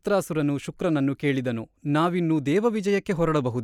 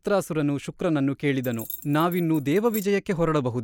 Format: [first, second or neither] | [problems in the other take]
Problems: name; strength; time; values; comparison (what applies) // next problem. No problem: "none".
first | background sound (Keys jangling); 16 dB below the speech